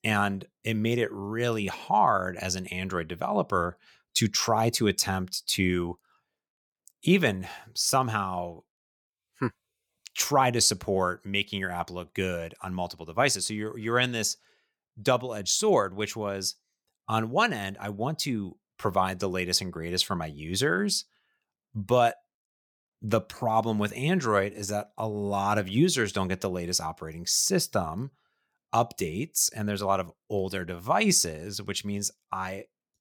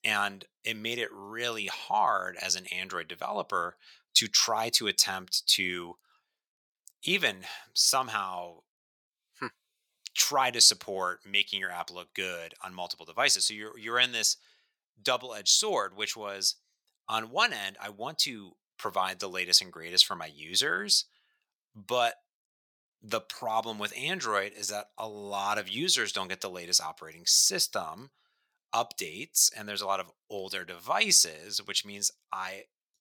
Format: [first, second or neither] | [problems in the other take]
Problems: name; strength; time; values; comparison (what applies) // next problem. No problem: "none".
first | thin; somewhat; fading below 1 kHz